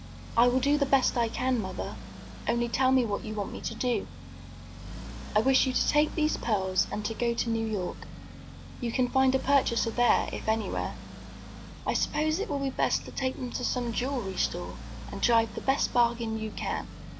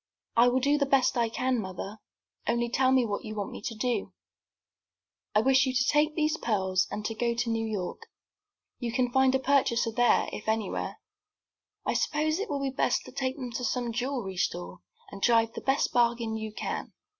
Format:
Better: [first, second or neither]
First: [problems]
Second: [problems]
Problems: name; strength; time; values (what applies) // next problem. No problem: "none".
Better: second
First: background sound (Accelerating, revving, vroom); 11 dB below the speech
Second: none